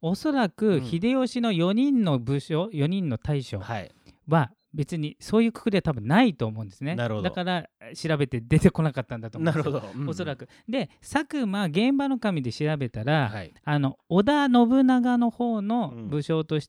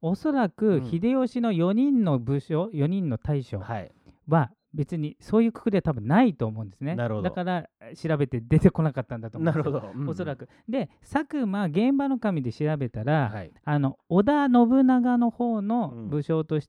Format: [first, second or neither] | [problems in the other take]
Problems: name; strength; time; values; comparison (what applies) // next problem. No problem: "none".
first | muffled; slightly; fading above 2 kHz